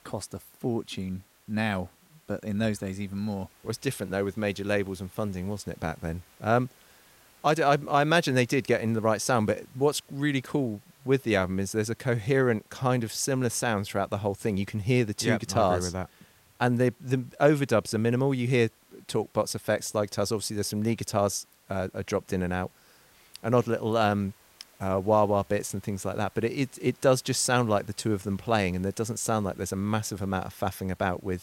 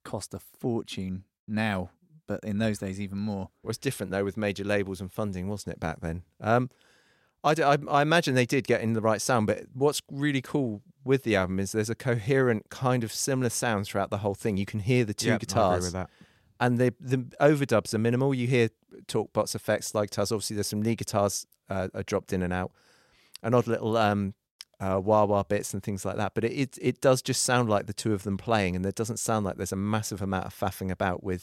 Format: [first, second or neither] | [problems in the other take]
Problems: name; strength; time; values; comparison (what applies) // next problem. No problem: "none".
second | hiss; faint; throughout; 30 dB below the speech